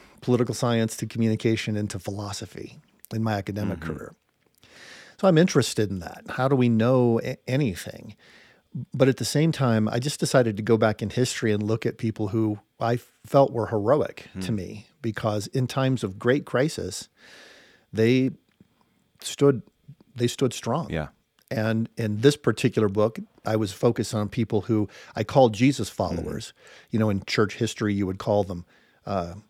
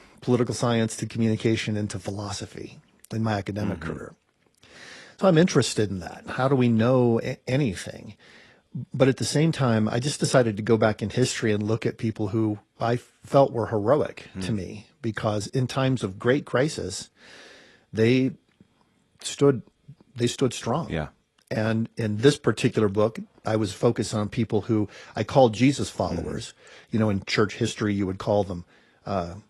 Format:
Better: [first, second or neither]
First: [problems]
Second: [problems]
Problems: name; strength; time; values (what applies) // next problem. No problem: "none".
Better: first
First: none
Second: garbled, watery; slightly